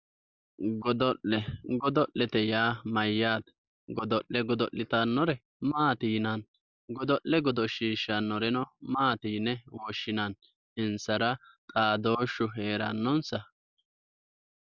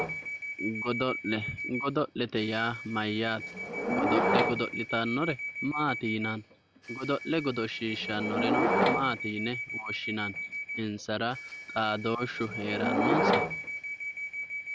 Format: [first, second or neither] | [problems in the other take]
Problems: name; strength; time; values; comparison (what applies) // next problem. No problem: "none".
first | background sound (Subway, metro, underground / Door); as loud as the speech